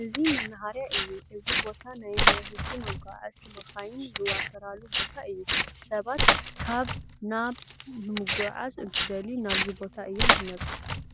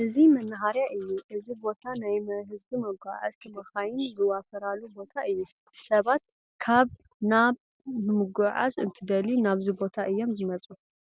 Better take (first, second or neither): second